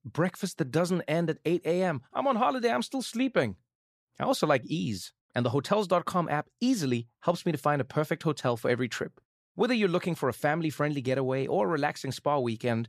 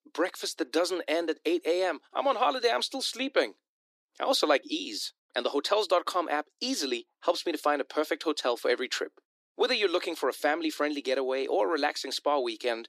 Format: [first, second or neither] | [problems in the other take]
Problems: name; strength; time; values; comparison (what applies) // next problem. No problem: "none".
first | thin; somewhat; fading below 300 Hz